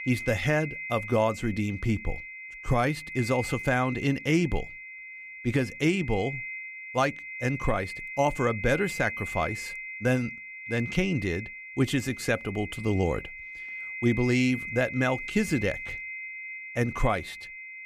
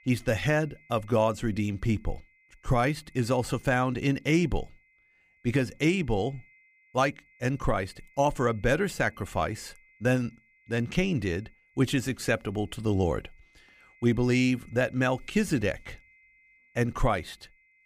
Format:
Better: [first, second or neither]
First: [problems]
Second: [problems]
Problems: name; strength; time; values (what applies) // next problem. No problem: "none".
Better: second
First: high-pitched whine; loud; throughout; 2 kHz, 9 dB below the speech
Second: high-pitched whine; faint; throughout; 2 kHz, 30 dB below the speech